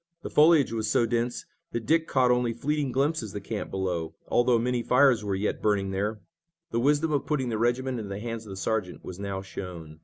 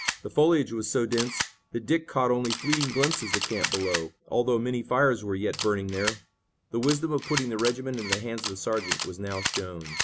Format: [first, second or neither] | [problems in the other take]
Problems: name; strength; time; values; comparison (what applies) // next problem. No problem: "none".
first | background sound (Camera); 6 dB below the speech